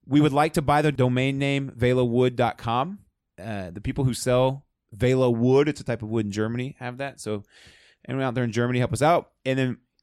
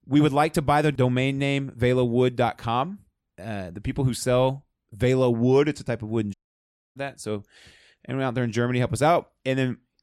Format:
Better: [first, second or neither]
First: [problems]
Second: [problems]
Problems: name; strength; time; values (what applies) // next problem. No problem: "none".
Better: first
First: none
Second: audio cutting out; at 6.5 s for 0.5 s